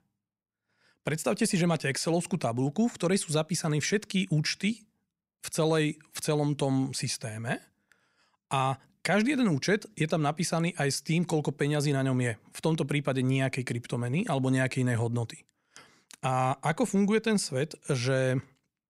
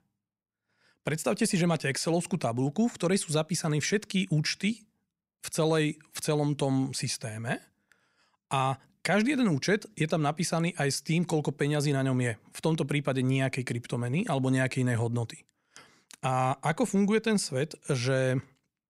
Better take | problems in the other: neither | none

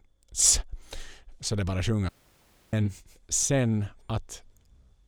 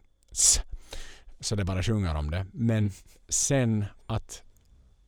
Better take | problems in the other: second | audio cutting out; at 2 s for 0.5 s

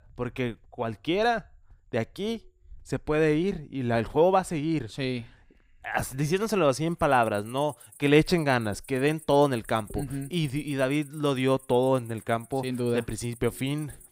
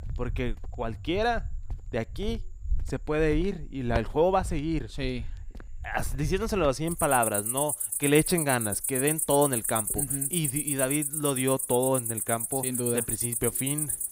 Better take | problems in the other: first | animal sounds; loud; throughout; 1 dB below the speech; faint in the first

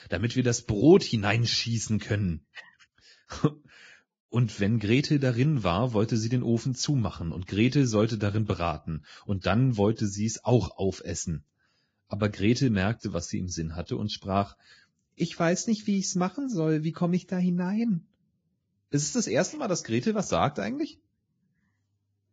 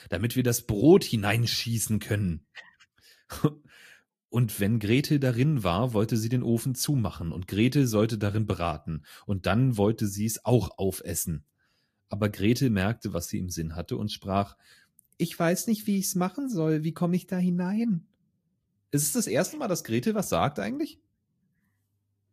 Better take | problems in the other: second | garbled, watery; badly; nothing above 7.5 kHz; slightly in the second

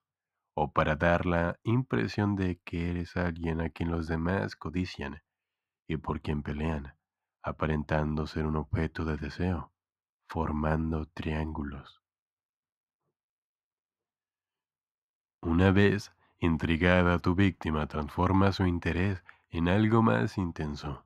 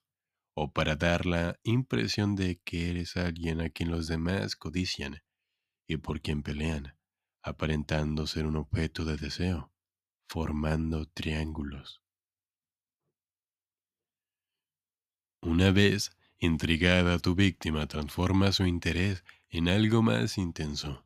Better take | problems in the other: second | muffled; slightly; fading above 2.5 kHz

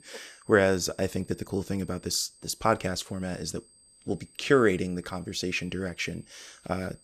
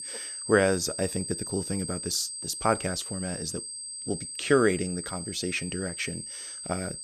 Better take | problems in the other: first | high-pitched whine; loud; throughout; 8.5 kHz, 6 dB below the speech; faint in the first

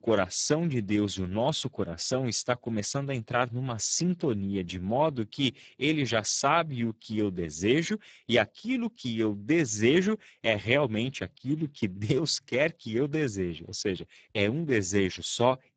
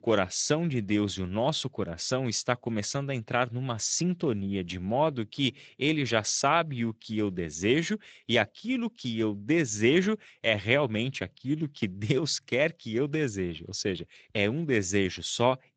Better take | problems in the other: second | garbled, watery; badly; nothing above 7.5 kHz; slightly in the second

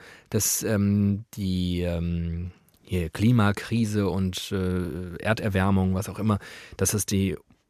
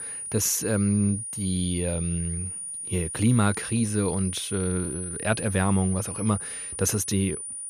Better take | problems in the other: first | high-pitched whine; loud; throughout; 9.5 kHz, 6 dB below the speech

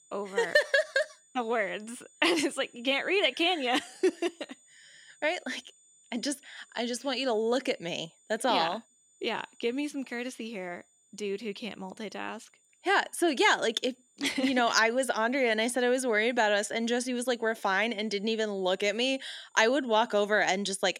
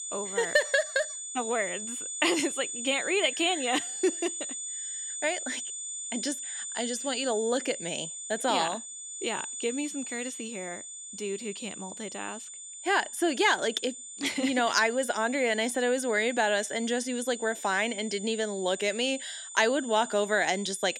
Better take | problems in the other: first | high-pitched whine; loud; throughout; 7 kHz, 7 dB below the speech; faint in the first

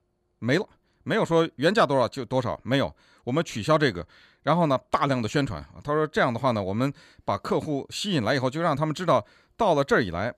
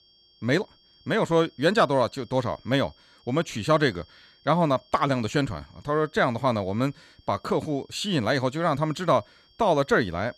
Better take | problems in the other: first | high-pitched whine; faint; throughout; 3 kHz, 30 dB below the speech

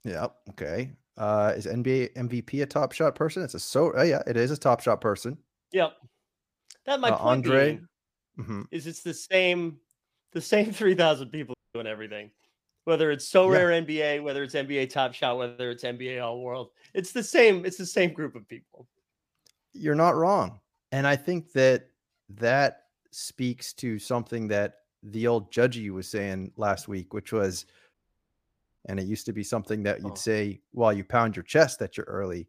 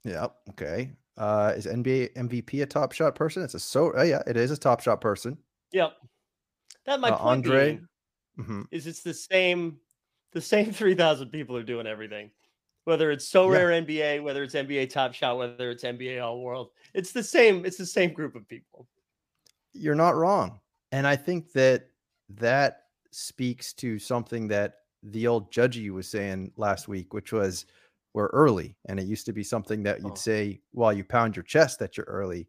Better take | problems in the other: second | audio cutting out; at 12 s and at 28 s for 1 s

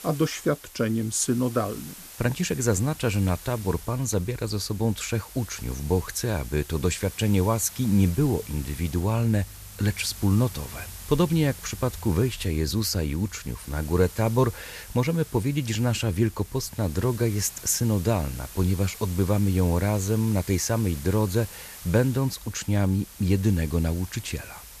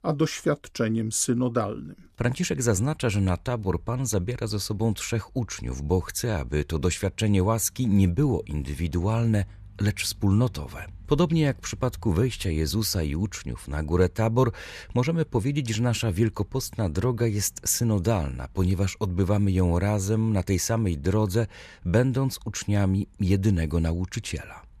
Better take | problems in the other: second | hiss; noticeable; throughout; 15 dB below the speech

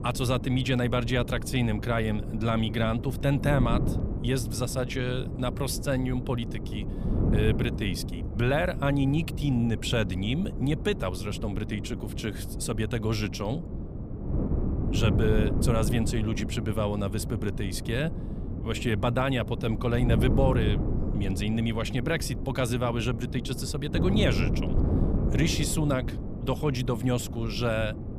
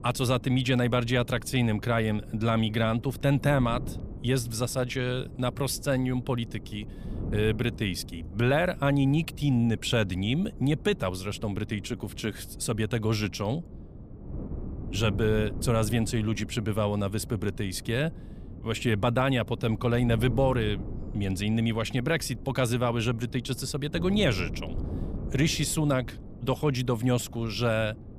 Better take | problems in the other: second | wind noise on the microphone; heavy; 9 dB below the speech; occasional gusts in the second

